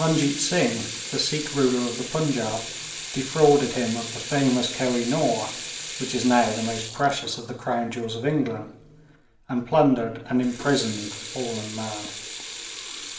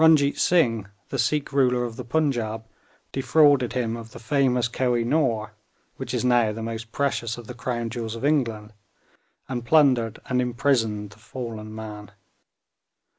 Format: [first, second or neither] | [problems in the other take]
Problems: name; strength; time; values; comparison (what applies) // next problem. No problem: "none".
second | background sound (Sink (filling or washing) / Water tap, faucet); 10 dB below the speech // room echo; dies away in 0.8 s